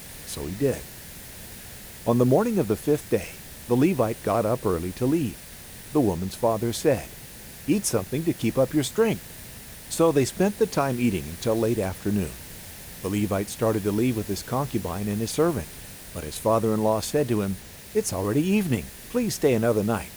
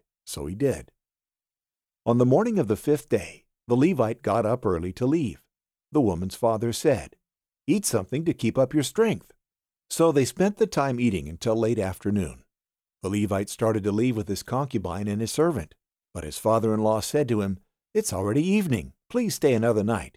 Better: second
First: hiss; noticeable; throughout; 15 dB below the speech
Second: none

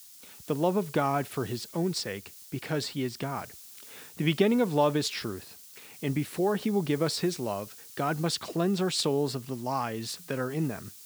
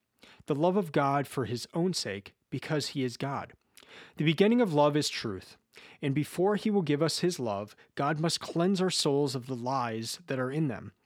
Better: second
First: hiss; noticeable; throughout; 15 dB below the speech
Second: none

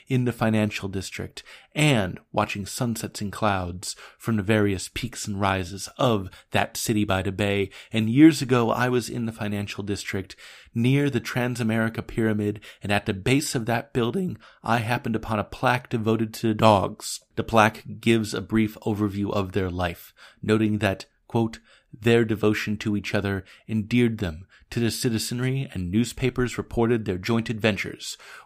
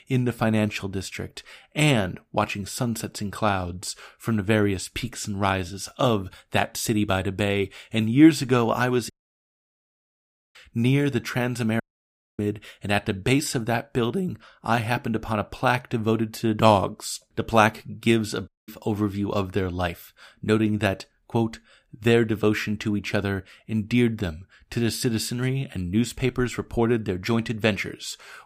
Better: first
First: none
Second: audio cutting out; at 9 s for 1.5 s, at 12 s for 0.5 s and at 18 s

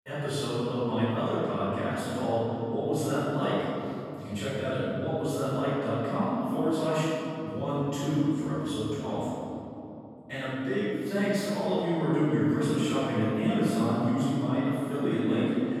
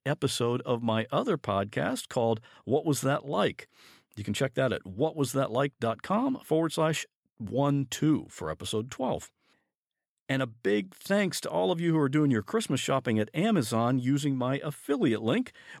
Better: second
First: off-mic speech; far // room echo; strong; dies away in 2.8 s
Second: none

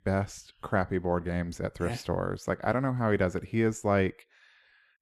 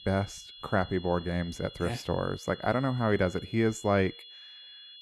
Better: first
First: none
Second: high-pitched whine; noticeable; throughout; 3.5 kHz, 15 dB below the speech

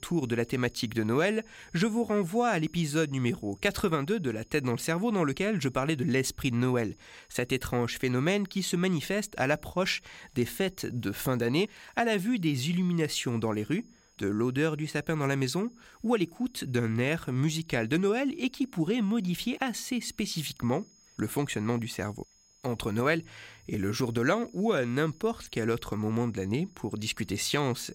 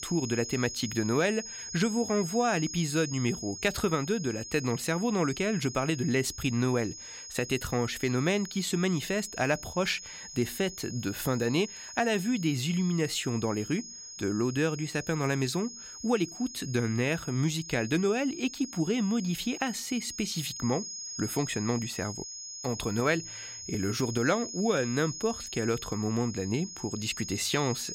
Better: first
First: high-pitched whine; faint; throughout; 6.5 kHz, 30 dB below the speech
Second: high-pitched whine; loud; throughout; 6.5 kHz, 9 dB below the speech

